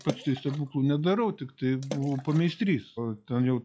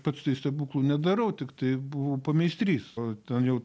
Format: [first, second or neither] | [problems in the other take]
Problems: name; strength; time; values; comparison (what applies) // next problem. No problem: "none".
second | noise reduction (classical method log-MMSE)